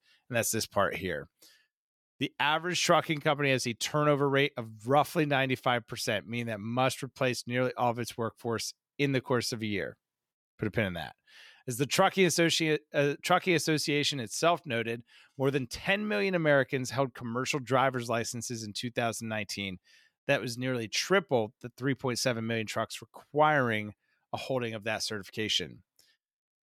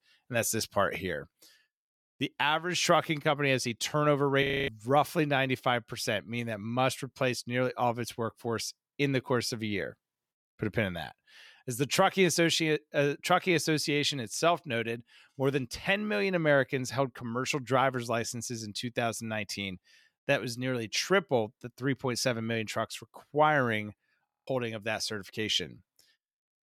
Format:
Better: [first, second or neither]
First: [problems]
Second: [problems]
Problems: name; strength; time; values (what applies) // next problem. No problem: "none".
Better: first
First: none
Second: audio freezing; at 4.5 s and at 24 s